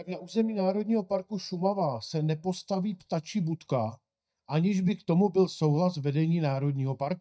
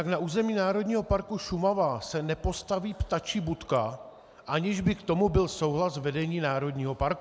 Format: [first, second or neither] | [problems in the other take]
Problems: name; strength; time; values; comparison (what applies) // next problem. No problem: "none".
second | noise reduction (neural mask model DeepFilterNet 3)